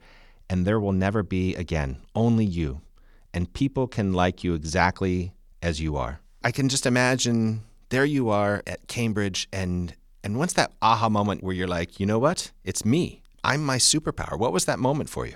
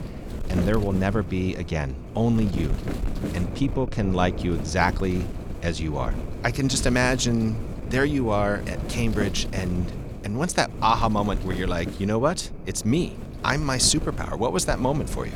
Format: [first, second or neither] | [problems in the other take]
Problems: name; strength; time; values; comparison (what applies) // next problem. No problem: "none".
first | wind noise on the microphone; occasional gusts; 15 dB below the speech